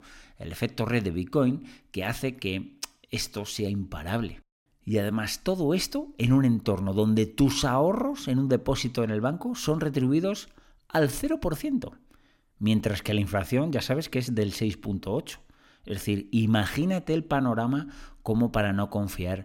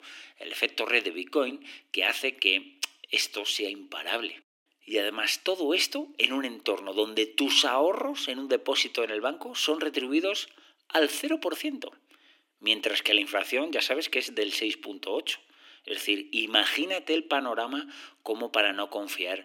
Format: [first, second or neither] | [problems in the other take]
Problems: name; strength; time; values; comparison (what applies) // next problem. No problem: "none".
first | thin; somewhat; fading below 300 Hz